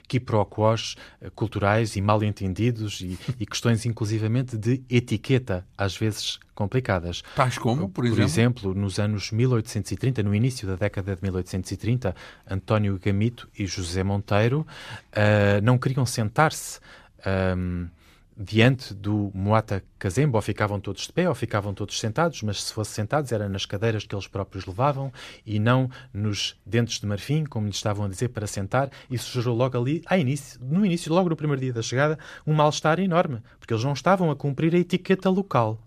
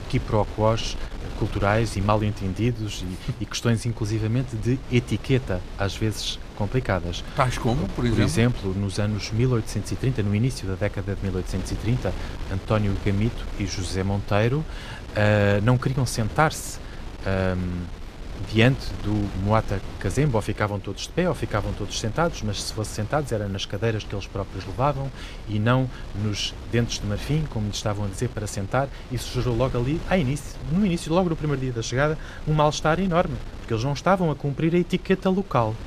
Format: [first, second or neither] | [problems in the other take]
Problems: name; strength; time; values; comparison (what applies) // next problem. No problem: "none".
first | wind noise on the microphone; occasional gusts; 15 dB below the speech